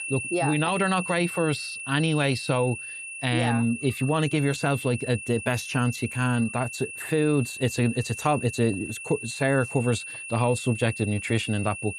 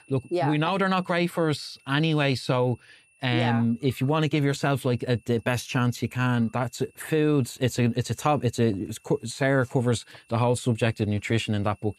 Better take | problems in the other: second | high-pitched whine; loud; throughout; 2.5 kHz, 8 dB below the speech; faint in the second

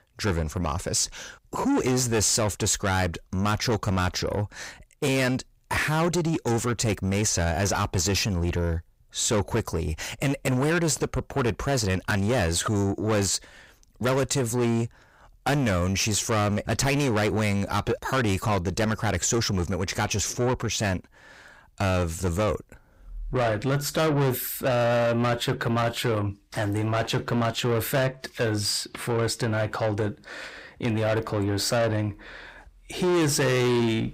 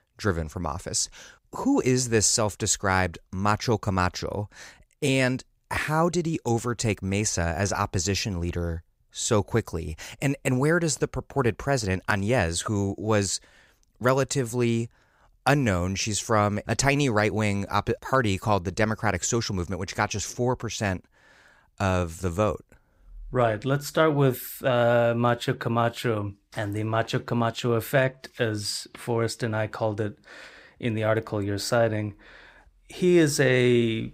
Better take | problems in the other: second | distortion; heavy; 7 dB below the speech

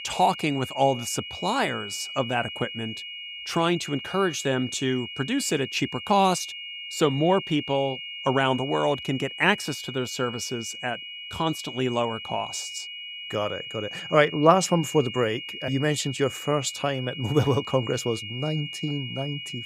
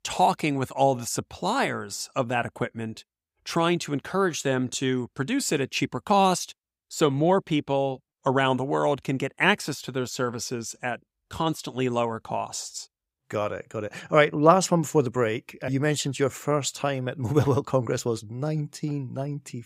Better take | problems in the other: second | high-pitched whine; loud; throughout; 3 kHz, 9 dB below the speech

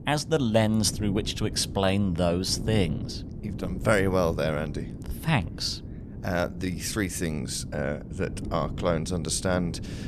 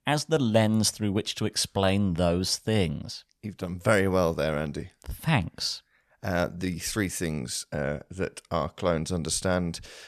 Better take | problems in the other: second | wind noise on the microphone; occasional gusts; 15 dB below the speech

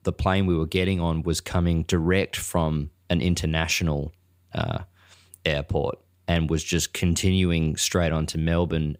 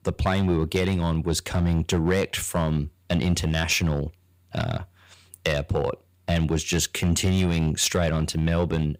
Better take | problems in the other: first | distortion; slight; 4% of the sound clipped

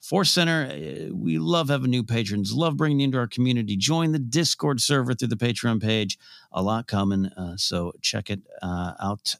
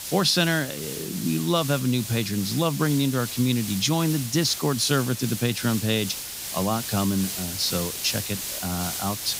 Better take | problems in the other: first | hiss; loud; throughout; 6 dB below the speech

